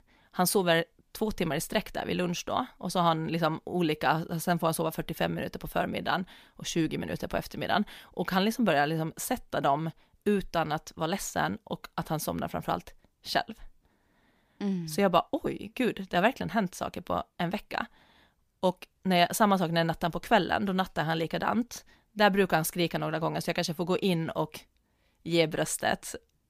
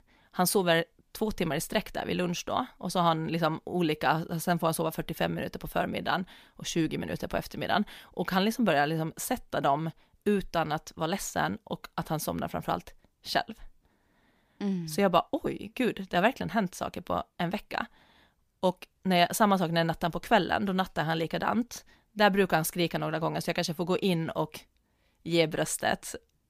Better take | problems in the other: neither | none

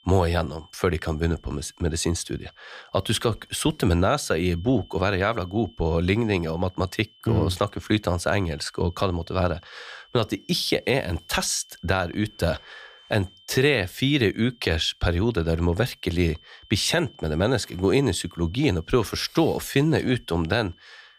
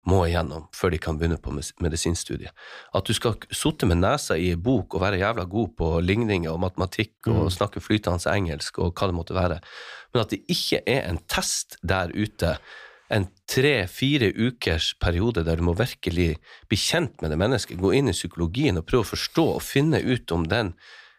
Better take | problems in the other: second | high-pitched whine; faint; throughout; 3 kHz, 25 dB below the speech

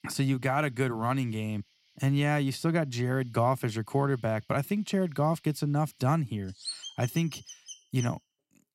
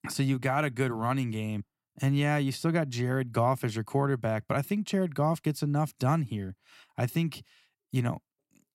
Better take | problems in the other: second | animal sounds; noticeable; throughout; 10 dB below the speech

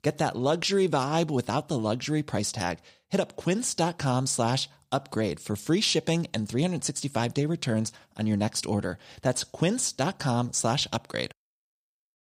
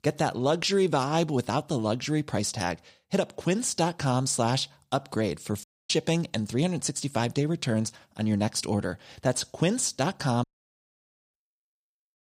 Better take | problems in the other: first | audio cutting out; at 5.5 s and at 10 s for 1 s

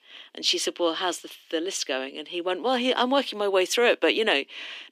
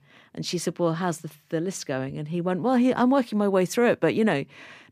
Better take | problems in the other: second | thin; somewhat; fading below 300 Hz

